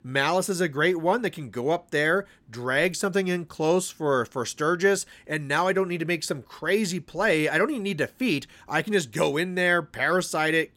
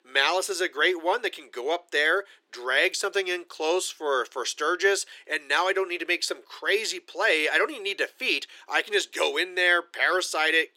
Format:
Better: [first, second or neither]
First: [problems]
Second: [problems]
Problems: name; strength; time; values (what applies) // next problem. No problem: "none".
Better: first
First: none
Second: thin; very; fading below 350 Hz